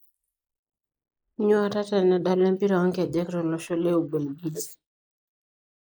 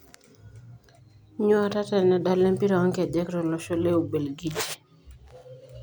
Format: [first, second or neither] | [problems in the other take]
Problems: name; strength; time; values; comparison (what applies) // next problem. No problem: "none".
second | noise reduction (neural mask model Resemble Enhance denoiser)